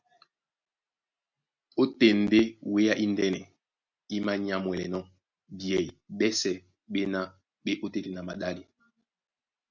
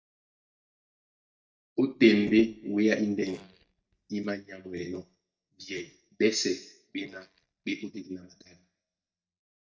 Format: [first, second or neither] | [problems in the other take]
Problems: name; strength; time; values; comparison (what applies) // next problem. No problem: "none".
first | noise reduction (neural mask model DeepFilterNet 3)